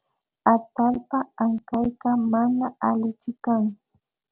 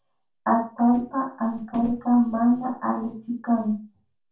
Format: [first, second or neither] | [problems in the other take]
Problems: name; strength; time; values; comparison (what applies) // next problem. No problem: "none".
first | room echo; dies away in 0.3 s